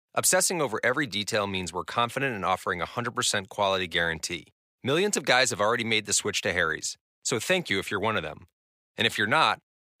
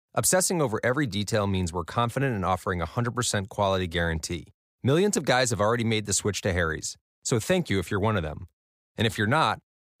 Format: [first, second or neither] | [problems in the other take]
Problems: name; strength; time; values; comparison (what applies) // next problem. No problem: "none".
second | thin; somewhat; fading below 350 Hz